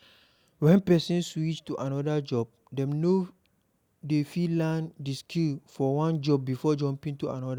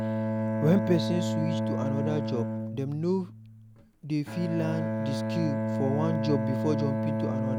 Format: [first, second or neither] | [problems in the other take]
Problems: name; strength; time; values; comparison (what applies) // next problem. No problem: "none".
first | background sound (Bowed string instrument); 1 dB above the speech